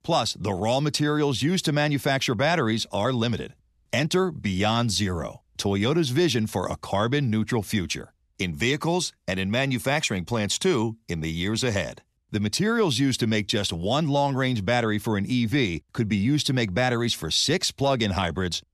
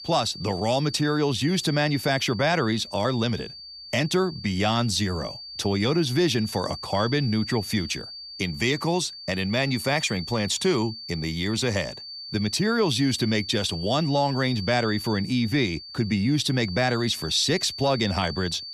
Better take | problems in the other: first | high-pitched whine; noticeable; throughout; 4.5 kHz, 10 dB below the speech

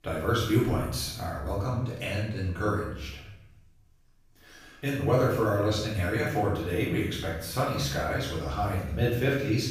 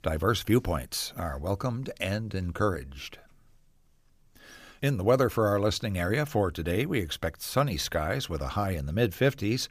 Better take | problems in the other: second | off-mic speech; far // room echo; noticeable; dies away in 0.7 s

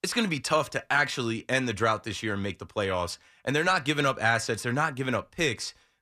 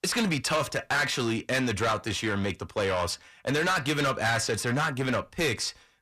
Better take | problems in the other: first | distortion; heavy; 7 dB below the speech

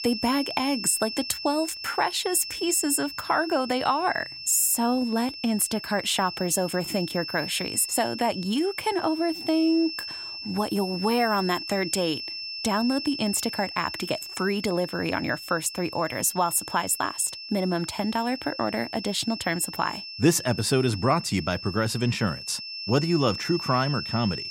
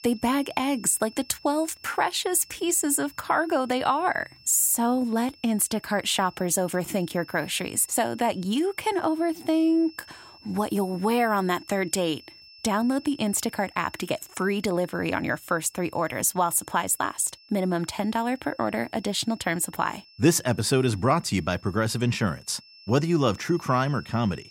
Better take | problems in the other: second | high-pitched whine; loud; throughout; 5.5 kHz, 8 dB below the speech; faint in the second

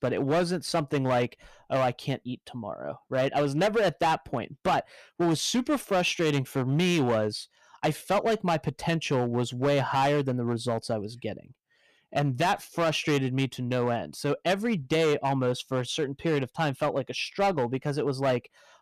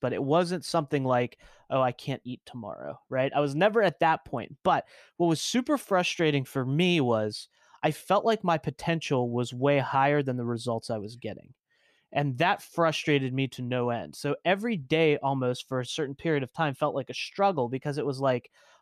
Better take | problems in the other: second | distortion; slight; 9% of the sound clipped

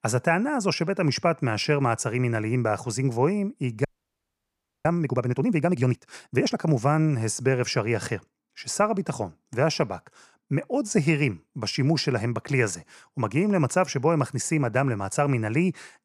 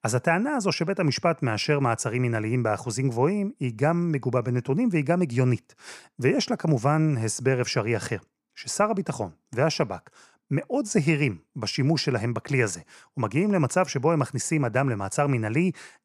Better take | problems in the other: second | audio freezing; at 4 s for 1 s

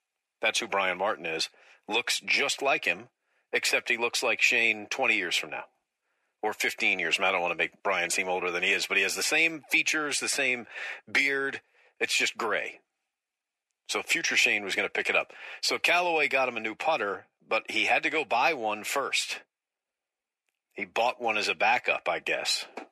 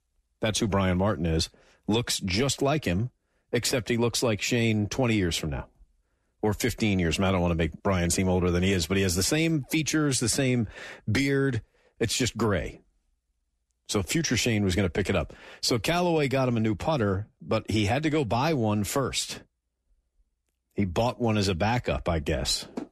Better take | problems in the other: second | thin; very; fading below 500 Hz

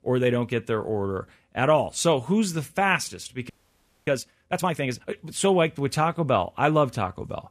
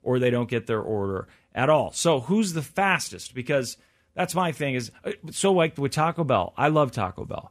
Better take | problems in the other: second | audio freezing; at 3.5 s for 0.5 s

